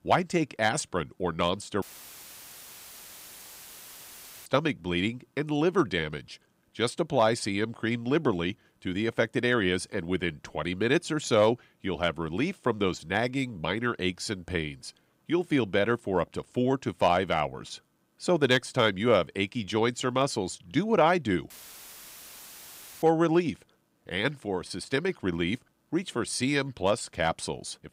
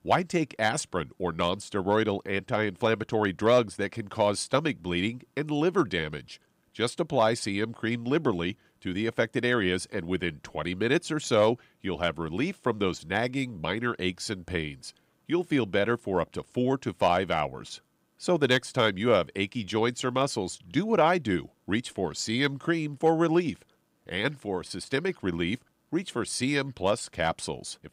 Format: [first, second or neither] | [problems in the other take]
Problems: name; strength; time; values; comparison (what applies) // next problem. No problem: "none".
second | audio cutting out; filled with static; at 2 s for 2.5 s and at 22 s for 1.5 s